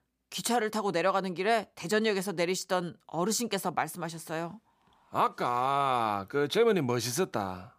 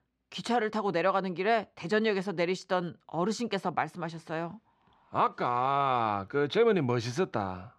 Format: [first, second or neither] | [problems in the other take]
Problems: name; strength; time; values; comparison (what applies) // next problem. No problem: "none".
first | muffled; very slightly; fading above 3.5 kHz